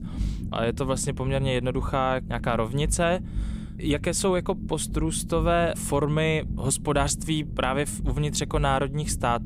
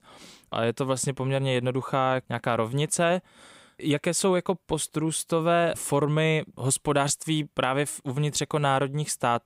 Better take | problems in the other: second | low rumble; noticeable; throughout; 15 dB below the speech

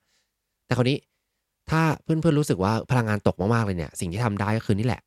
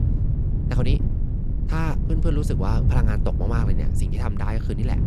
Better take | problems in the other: first | wind noise on the microphone; heavy; 5 dB below the speech

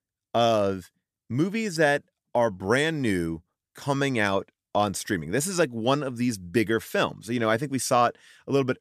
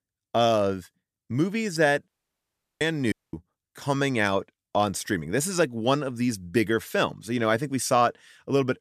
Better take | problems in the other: first | audio cutting out; at 2 s for 0.5 s and at 3 s

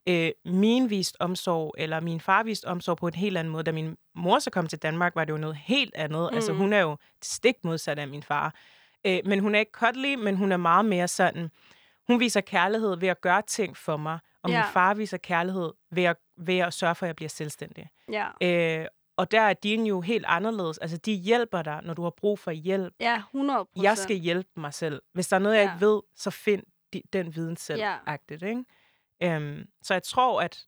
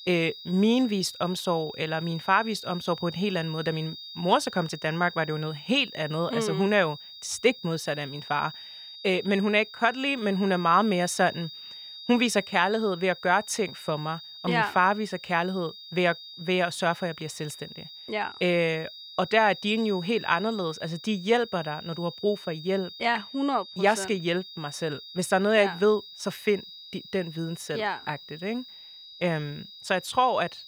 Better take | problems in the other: first | high-pitched whine; noticeable; throughout; 3.5 kHz, 15 dB below the speech

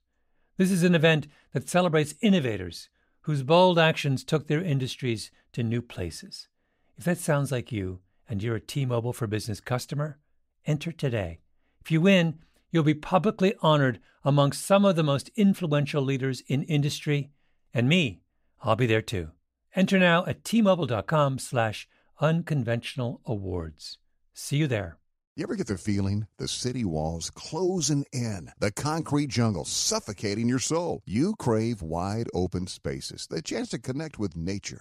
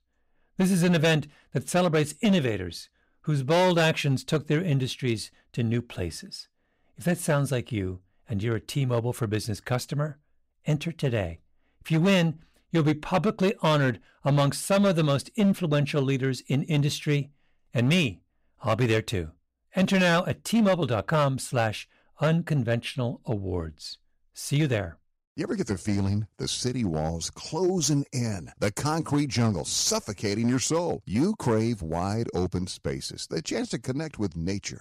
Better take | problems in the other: first | distortion; slight; 5% of the sound clipped

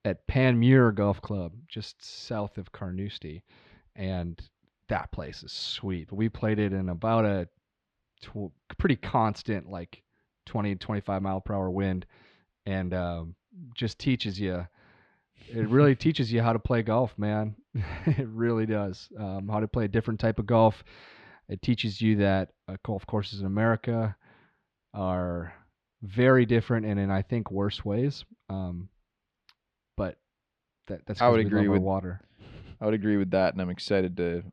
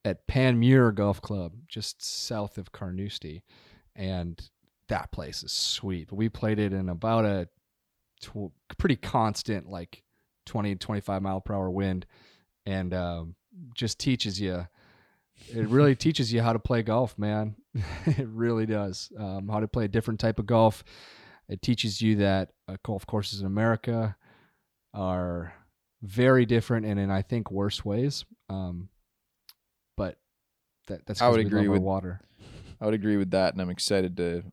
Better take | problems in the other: second | muffled; slightly; fading above 2.5 kHz

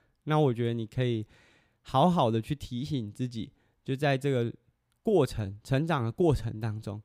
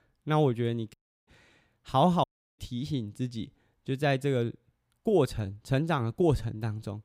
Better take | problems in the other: first | audio cutting out; at 1 s and at 2 s

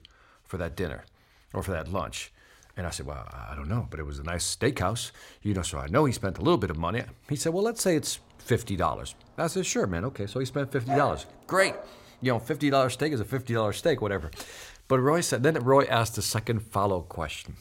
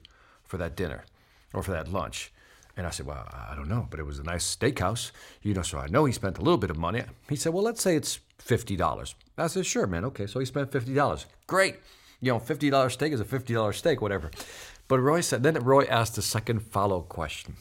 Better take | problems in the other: second | dog barking; noticeable; at 11 s; peak 4 dB below the speech

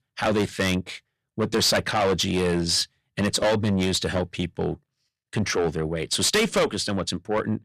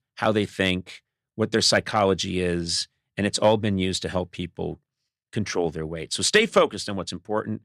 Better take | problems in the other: second | distortion; heavy; 6 dB below the speech

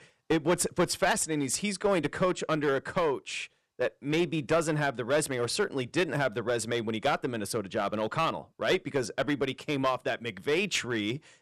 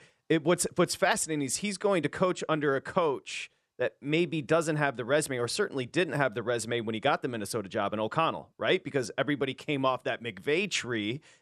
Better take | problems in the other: second | distortion; slight; 4% of the sound clipped

